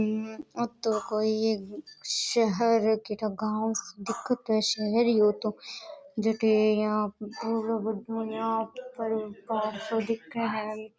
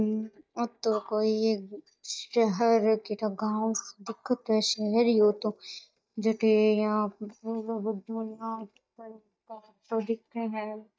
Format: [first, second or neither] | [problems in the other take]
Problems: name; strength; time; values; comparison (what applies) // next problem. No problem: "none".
first | noise reduction (neural mask model DeepFilterNet 3)